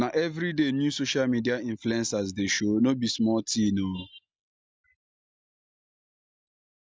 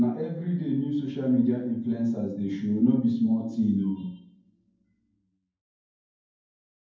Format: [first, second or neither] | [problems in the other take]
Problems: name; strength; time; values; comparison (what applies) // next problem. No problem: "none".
first | room echo; dies away in 0.9 s